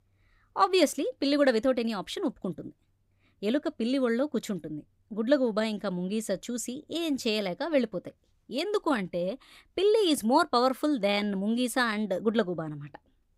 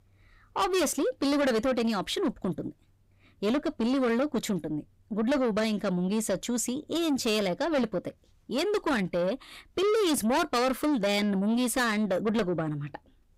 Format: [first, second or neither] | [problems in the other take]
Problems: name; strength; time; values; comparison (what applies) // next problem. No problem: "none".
first | distortion; heavy; 7 dB below the speech